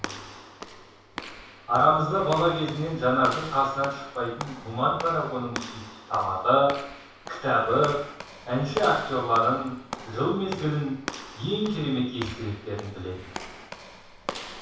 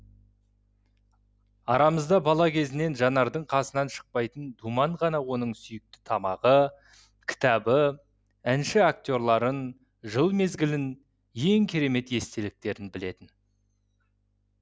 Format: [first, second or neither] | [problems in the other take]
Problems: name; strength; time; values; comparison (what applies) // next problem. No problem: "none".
second | background sound (Walk, footsteps / Slam); 13 dB below the speech // room echo; dies away in 0.7 s